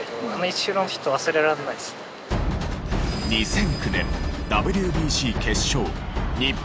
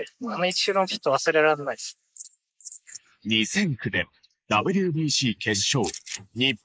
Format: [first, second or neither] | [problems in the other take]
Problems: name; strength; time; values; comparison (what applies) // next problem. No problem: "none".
first | noise reduction (neural mask model Resemble Enhance denoiser)